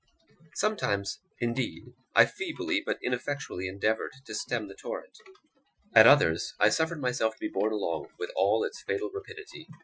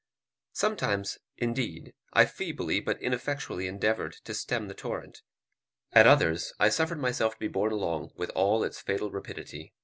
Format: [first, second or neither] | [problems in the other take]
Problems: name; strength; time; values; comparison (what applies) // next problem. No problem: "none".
second | noise reduction (classical method Wiener filter)